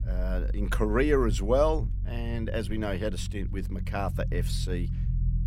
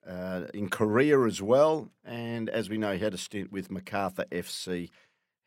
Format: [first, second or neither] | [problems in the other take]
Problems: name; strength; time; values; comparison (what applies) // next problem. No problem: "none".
second | low rumble; noticeable; throughout; 20 dB below the speech